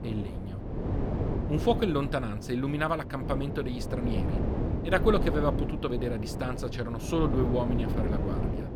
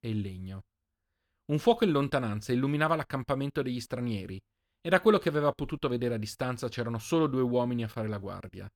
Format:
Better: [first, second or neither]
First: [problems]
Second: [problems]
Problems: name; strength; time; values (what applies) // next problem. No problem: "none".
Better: second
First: wind noise on the microphone; heavy; 7 dB below the speech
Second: none